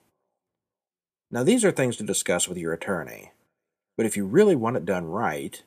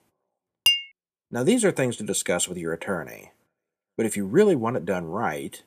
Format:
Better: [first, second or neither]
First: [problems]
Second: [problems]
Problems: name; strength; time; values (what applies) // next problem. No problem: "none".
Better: first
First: none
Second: clattering dishes; loud; at 0.5 s; peak 4 dB above the speech